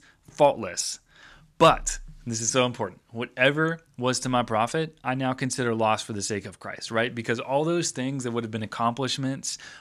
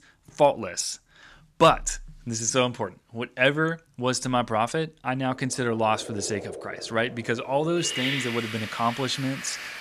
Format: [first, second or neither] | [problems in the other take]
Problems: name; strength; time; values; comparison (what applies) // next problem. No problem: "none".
first | rain or running water; loud; from 5.5 s on; 8 dB below the speech